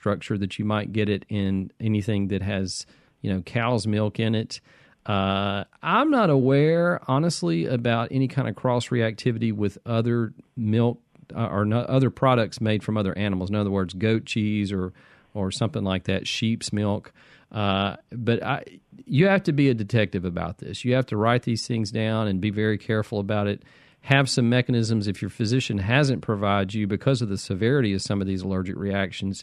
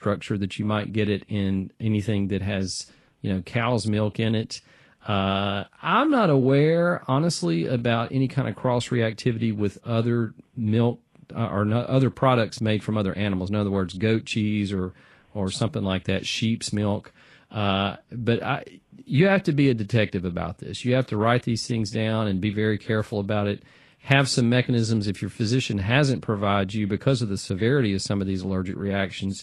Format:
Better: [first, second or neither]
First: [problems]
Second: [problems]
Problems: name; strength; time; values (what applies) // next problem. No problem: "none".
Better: first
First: none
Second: garbled, watery; slightly